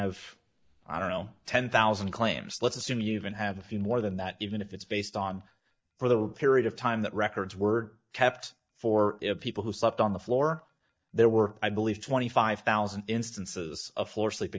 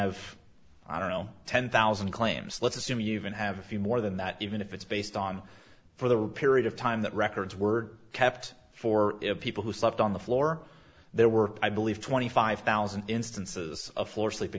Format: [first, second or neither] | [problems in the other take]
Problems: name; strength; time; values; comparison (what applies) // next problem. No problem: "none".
second | noise reduction (neural mask model DeepFilterNet 3)